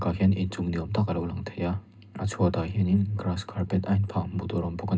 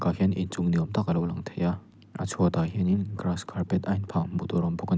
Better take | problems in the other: second | room echo; dies away in 0.2 s

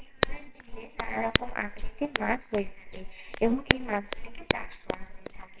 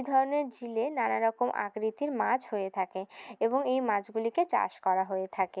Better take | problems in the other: second | noise reduction (neural separator model SepFormer WHAMR!)

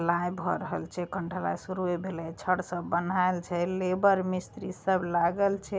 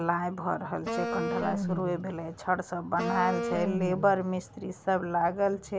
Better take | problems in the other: first | background sound (Wind instrument, woodwind instrument); 4 dB below the speech

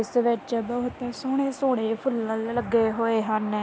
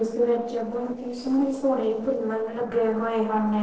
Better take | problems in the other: first | noise reduction (neural separator model SepFormer DNS4)

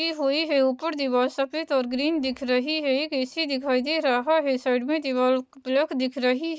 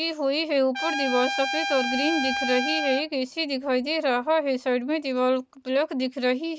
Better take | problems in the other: first | background sound (Trumpet); 3 dB below the speech

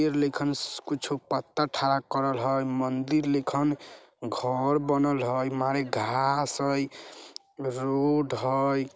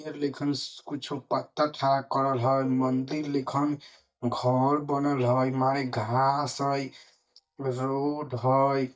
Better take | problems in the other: first | noise reduction (neural mask model DeepFilterNet 3)

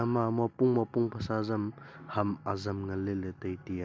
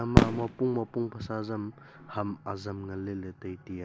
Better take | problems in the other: first | background sound (Fireworks); 4 dB above the speech

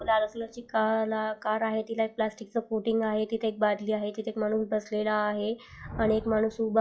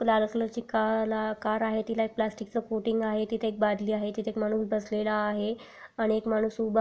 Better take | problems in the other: second | noise reduction (classical method log-MMSE)

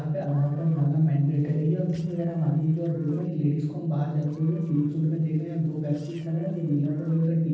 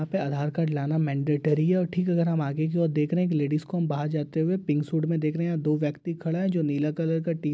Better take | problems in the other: second | noise reduction (neural separator model SepFormer DNS4)

